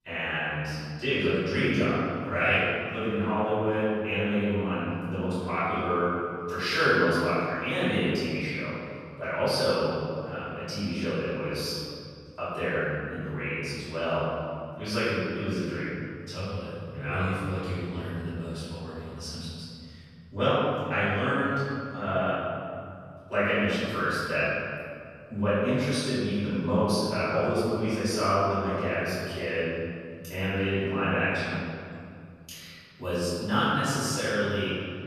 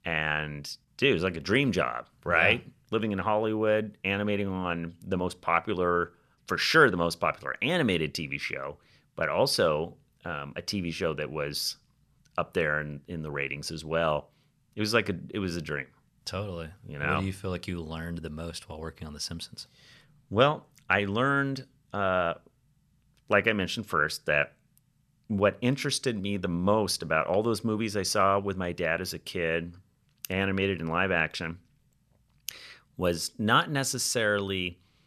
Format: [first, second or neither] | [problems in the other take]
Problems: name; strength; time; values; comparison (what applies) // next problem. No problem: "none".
second | off-mic speech; far // room echo; strong; dies away in 2.4 s